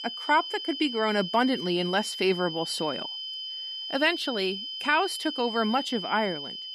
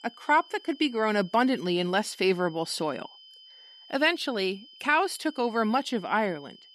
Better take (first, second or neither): second